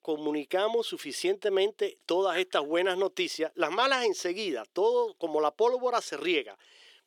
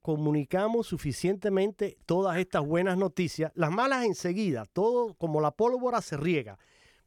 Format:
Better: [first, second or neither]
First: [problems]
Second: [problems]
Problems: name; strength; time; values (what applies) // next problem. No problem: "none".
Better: second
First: thin; somewhat; fading below 350 Hz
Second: none